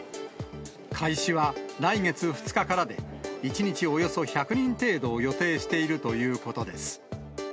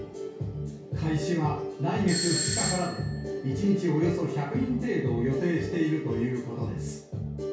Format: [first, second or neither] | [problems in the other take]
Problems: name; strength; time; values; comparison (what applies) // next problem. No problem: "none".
first | background sound (Doorbell); 5 dB below the speech // room echo; dies away in 0.6 s